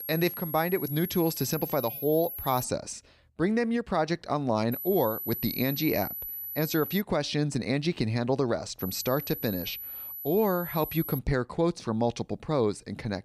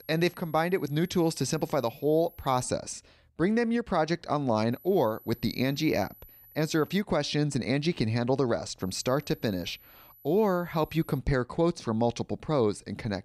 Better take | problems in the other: second | high-pitched whine; loud; until 2.5 s, from 4.5 to 7 s and from 9 to 11 s; 12 kHz, 7 dB below the speech; faint in the second

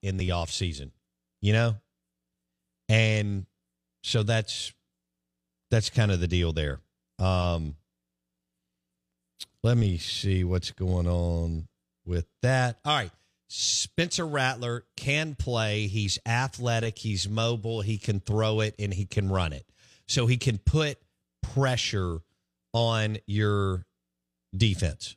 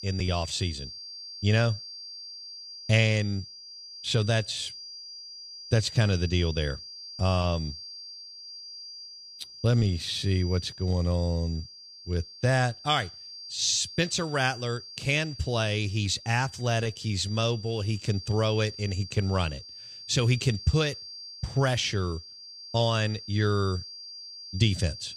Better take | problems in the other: first | high-pitched whine; noticeable; throughout; 4.5 kHz, 15 dB below the speech

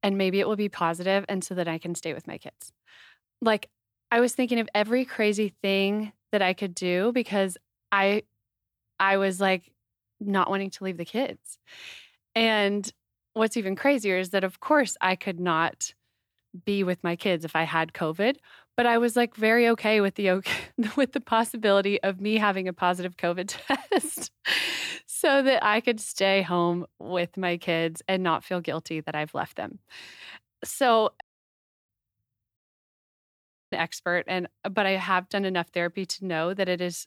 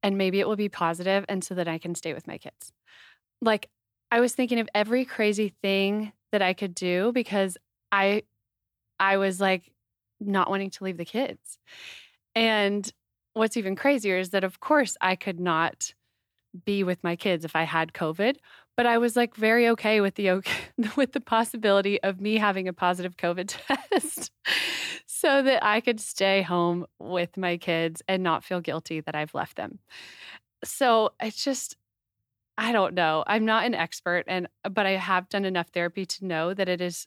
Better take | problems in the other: second | audio cutting out; at 31 s for 0.5 s and at 33 s for 1 s

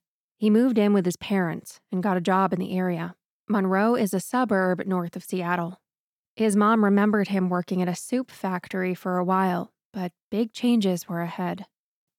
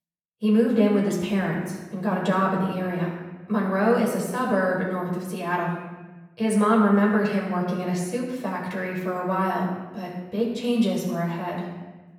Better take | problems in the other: first | off-mic speech; far // room echo; noticeable; dies away in 1.1 s

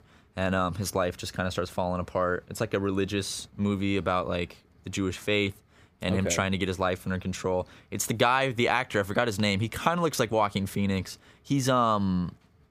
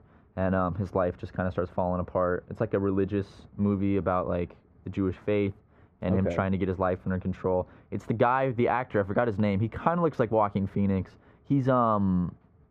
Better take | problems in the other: first | muffled; very; fading above 3.5 kHz

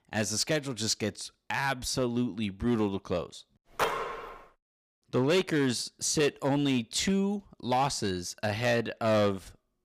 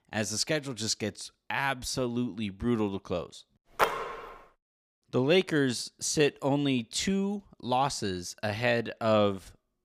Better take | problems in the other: second | distortion; slight; 4% of the sound clipped

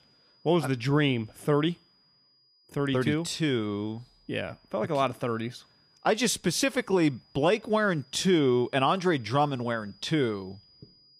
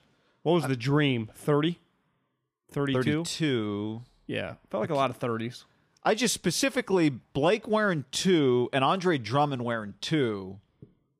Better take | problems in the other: second | high-pitched whine; faint; throughout; 5 kHz, 30 dB below the speech

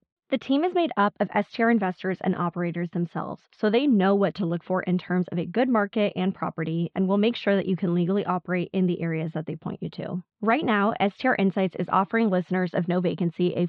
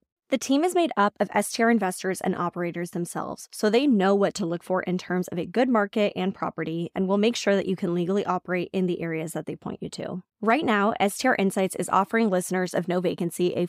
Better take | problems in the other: second | muffled; slightly; fading above 3.5 kHz

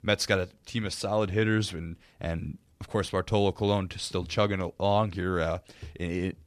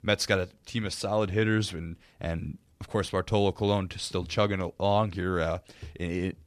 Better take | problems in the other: neither | none

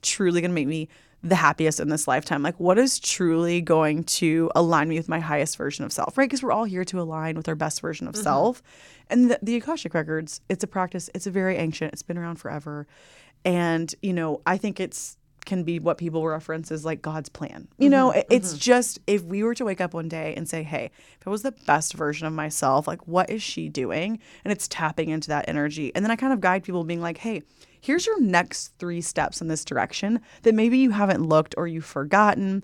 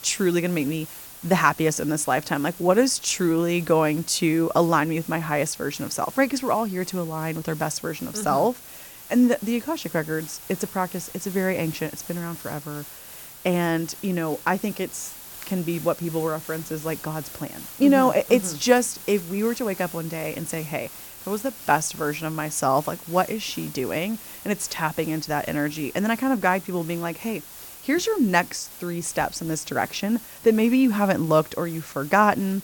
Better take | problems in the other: first | hiss; noticeable; throughout; 15 dB below the speech

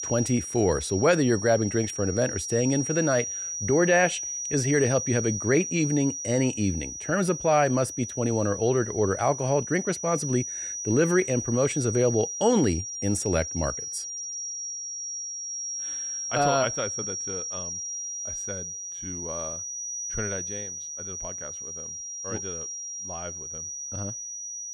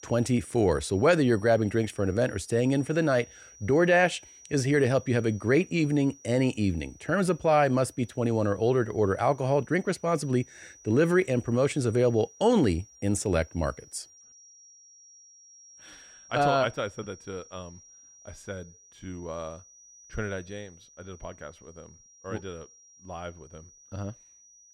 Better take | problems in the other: second | high-pitched whine; loud; throughout; 6 kHz, 6 dB below the speech; faint in the second

